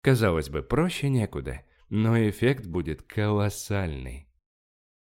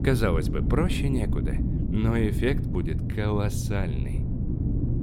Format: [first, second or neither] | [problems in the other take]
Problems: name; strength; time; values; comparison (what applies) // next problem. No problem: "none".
first | low rumble; loud; throughout; 7 dB below the speech